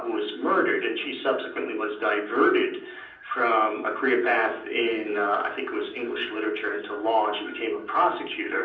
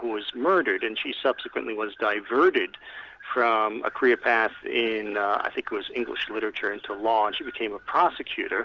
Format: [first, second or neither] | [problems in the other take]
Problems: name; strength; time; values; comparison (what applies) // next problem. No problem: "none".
second | room echo; dies away in 0.6 s